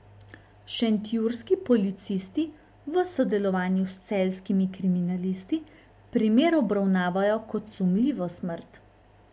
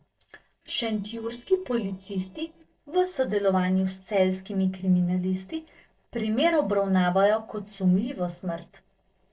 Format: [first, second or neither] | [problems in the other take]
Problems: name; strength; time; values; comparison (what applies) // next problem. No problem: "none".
first | noise reduction (neural separator model SepFormer DNS4)